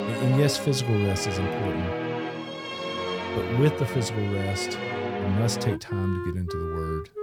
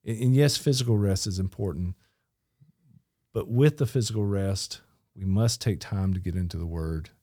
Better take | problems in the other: second | background music; loud; throughout; 3 dB below the speech

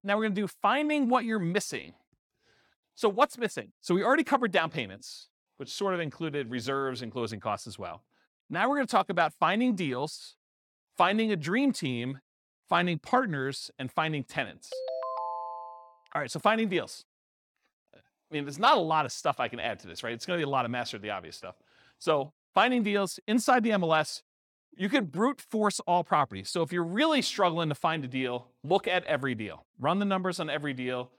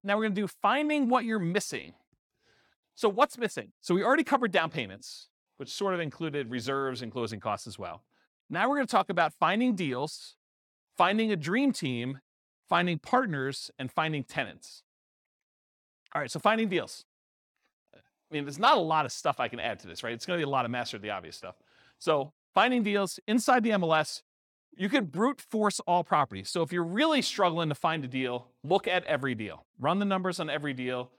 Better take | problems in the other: second | phone ringing; noticeable; from 15 to 16 s; peak 5 dB below the speech

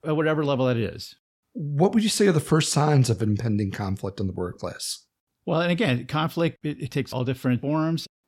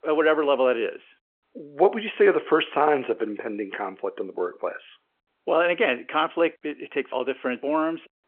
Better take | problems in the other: first | phone-call audio

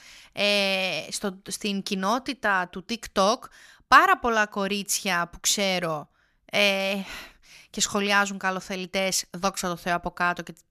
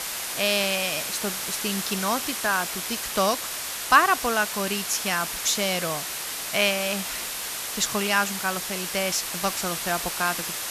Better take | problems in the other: first | hiss; loud; throughout; 3 dB below the speech

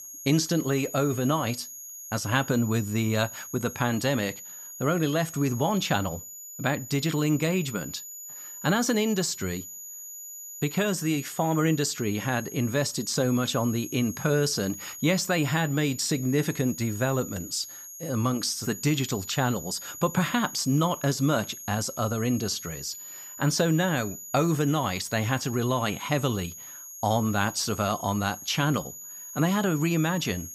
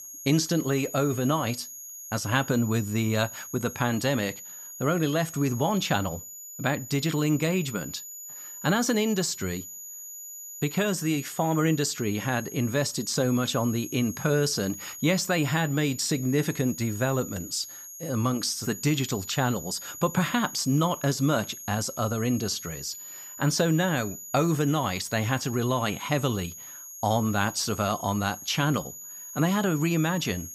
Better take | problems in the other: neither | high-pitched whine; noticeable; throughout; 6.5 kHz, 10 dB below the speech; the same in both

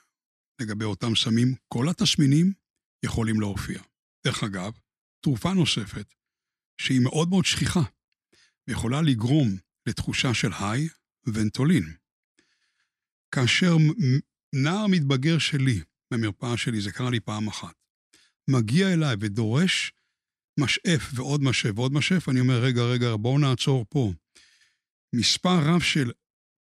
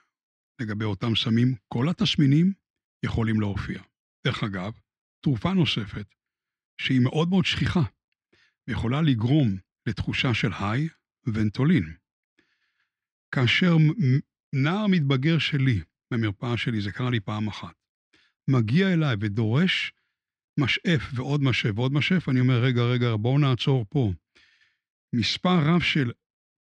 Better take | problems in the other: first | muffled; slightly; fading above 3 kHz

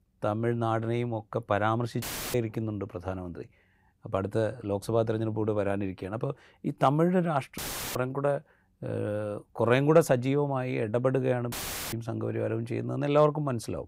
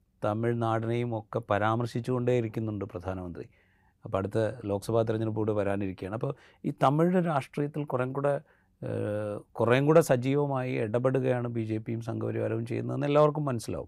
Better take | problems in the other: second | audio cutting out; filled with static; at 2 s, at 7.5 s and at 12 s

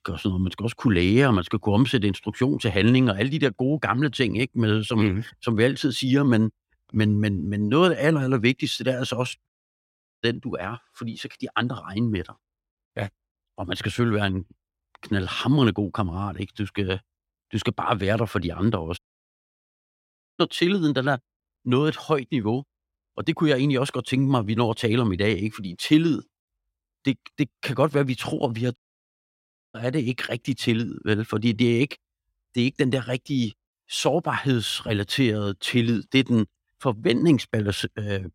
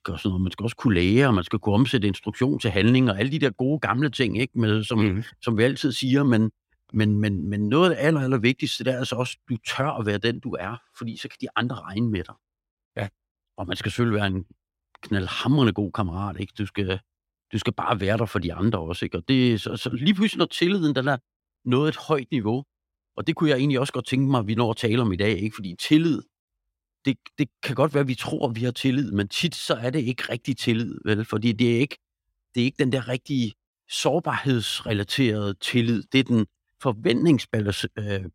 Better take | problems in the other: second | audio cutting out; at 9.5 s for 1 s, at 19 s for 1.5 s and at 29 s for 1 s

